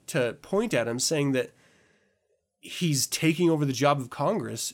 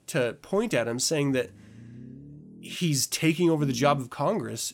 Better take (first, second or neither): first